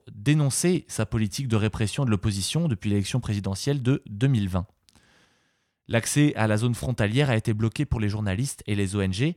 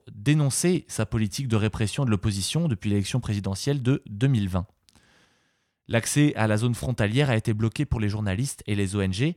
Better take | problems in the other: neither | none

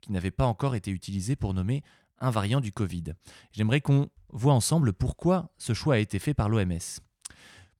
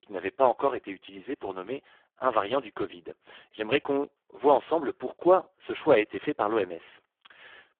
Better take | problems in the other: first | phone-call audio; poor line

